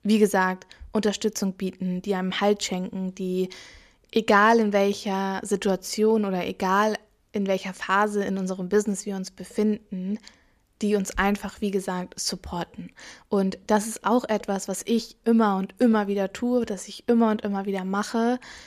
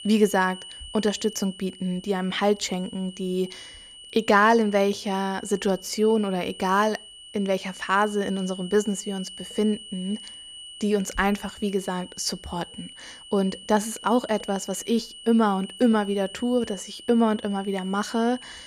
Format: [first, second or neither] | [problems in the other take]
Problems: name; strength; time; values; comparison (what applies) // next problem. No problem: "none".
first | high-pitched whine; noticeable; throughout; 3 kHz, 15 dB below the speech